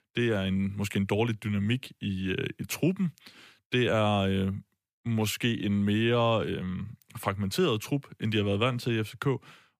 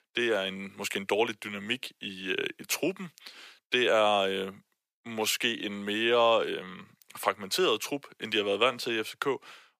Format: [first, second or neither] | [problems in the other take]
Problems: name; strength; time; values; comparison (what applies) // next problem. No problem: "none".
first | thin; very; fading below 500 Hz